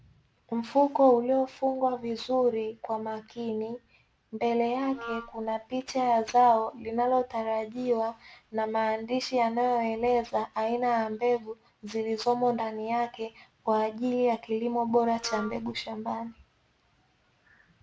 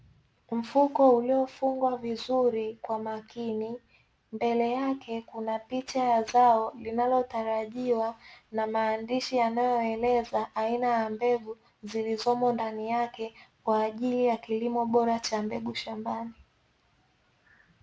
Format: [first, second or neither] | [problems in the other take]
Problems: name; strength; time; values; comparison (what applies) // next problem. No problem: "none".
second | background sound (Wind instrument, woodwind instrument); 14 dB below the speech